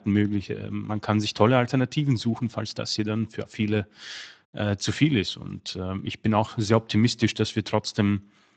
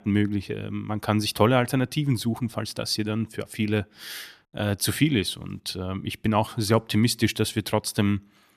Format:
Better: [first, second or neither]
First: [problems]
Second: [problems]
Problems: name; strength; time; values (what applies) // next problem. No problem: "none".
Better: second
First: garbled, watery; slightly; nothing above 8 kHz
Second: none